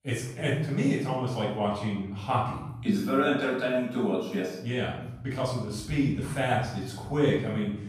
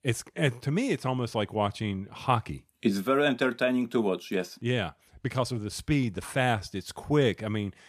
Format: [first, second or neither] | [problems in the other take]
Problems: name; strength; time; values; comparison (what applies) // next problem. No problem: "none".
second | off-mic speech; far // room echo; noticeable; dies away in 0.8 s